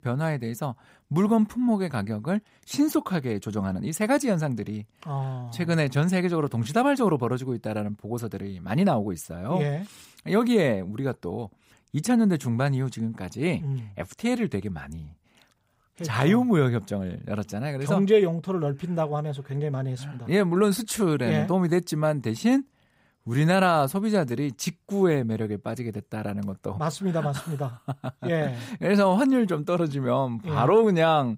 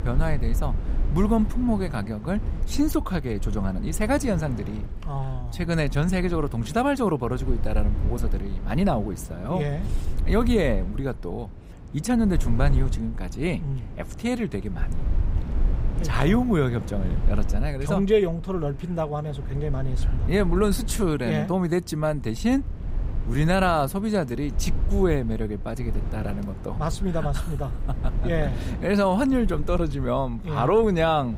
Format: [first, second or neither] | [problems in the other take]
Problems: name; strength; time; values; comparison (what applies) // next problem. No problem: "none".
first | wind noise on the microphone; occasional gusts; 15 dB below the speech